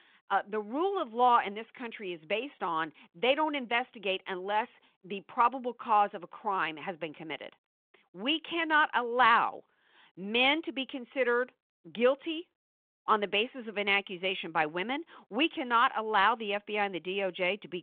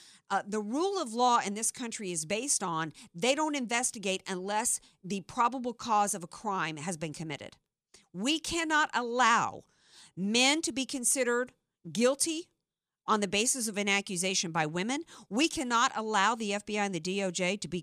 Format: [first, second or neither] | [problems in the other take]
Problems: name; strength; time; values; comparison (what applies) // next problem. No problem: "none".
second | phone-call audio